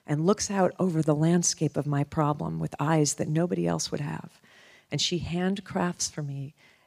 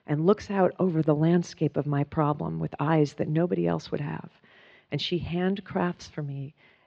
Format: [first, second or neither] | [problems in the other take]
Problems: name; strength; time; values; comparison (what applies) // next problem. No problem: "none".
first | muffled; very; fading above 3.5 kHz